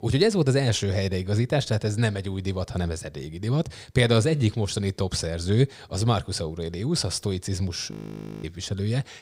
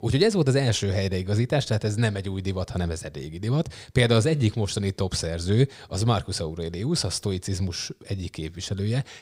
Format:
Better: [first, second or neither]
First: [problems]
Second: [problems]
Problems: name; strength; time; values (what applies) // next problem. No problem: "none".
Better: second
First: audio freezing; at 8 s for 0.5 s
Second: none